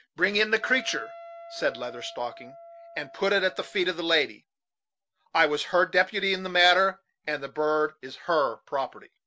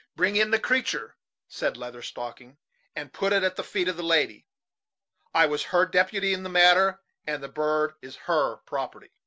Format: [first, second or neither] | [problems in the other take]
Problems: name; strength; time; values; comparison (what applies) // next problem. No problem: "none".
second | background sound (Wind instrument, woodwind instrument); 18 dB below the speech